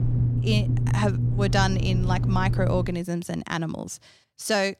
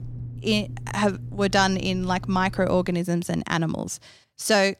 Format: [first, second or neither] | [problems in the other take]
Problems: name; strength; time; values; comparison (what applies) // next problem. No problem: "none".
second | low rumble; loud; until 3 s; 8 dB below the speech; faint in the second